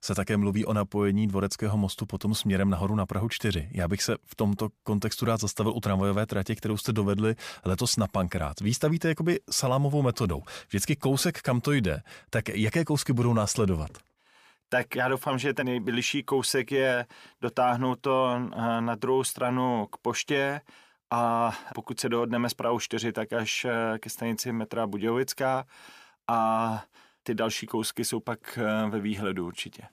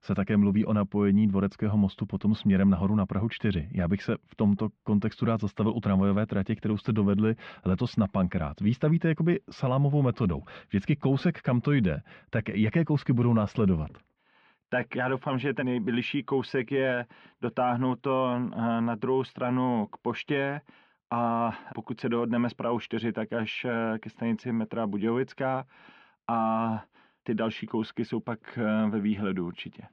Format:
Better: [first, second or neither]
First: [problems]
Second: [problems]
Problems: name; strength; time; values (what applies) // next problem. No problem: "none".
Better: first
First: none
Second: muffled; very; fading above 3 kHz